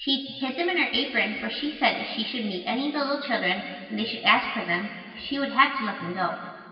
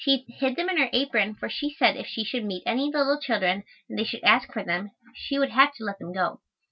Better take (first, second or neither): second